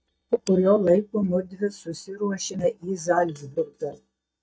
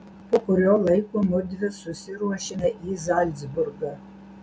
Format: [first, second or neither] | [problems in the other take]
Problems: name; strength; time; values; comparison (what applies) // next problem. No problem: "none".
second | noise reduction (neural mask model DeepFilterNet 3)